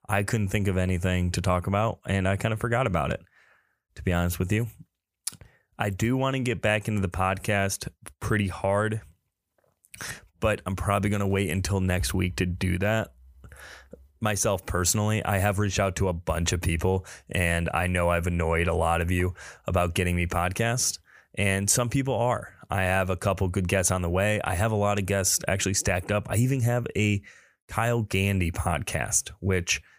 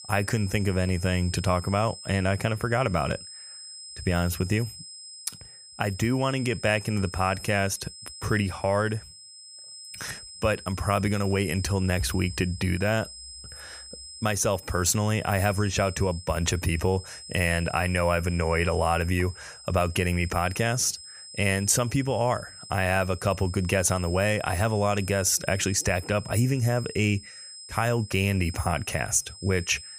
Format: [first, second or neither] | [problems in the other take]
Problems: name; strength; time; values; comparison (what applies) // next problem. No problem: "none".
first | high-pitched whine; noticeable; throughout; 5 kHz, 15 dB below the speech